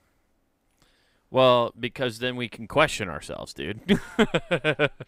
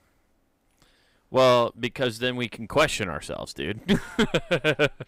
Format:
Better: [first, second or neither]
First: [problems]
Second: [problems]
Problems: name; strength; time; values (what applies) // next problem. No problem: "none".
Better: first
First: none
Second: distortion; slight; 3% of the sound clipped